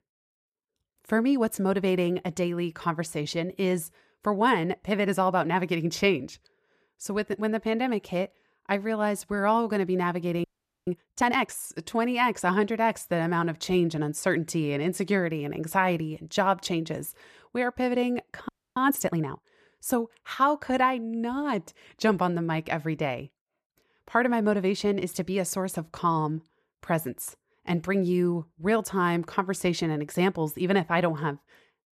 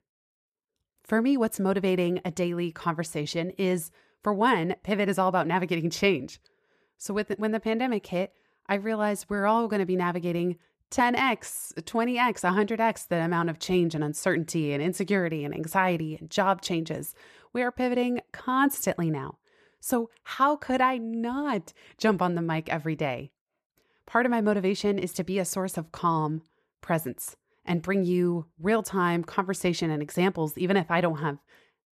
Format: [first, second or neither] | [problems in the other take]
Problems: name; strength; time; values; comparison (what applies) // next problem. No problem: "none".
second | audio freezing; at 10 s and at 18 s